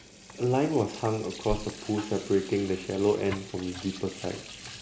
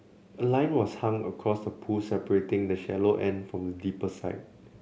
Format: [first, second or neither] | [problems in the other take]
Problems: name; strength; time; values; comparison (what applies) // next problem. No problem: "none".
second | background sound (Bird + Sink (filling or washing) / Water tap, faucet); 13 dB below the speech